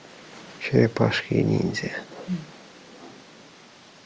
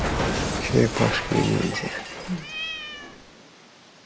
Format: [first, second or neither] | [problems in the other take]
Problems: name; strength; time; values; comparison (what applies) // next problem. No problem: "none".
first | background sound (Cat); 3 dB below the speech